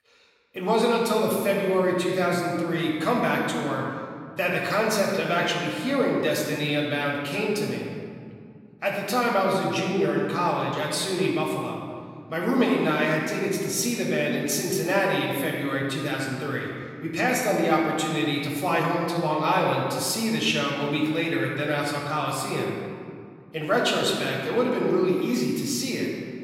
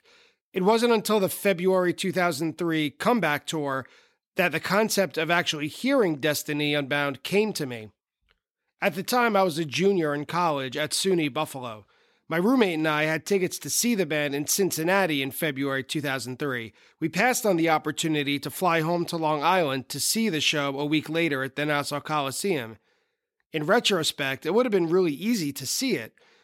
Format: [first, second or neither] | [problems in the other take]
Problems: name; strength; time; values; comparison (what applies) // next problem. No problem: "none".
second | off-mic speech; far // room echo; noticeable; dies away in 1.9 s